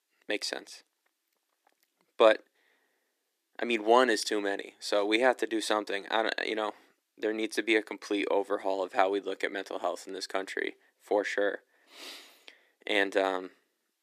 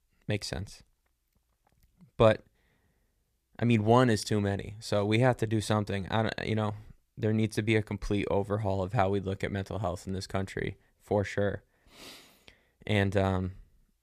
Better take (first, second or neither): second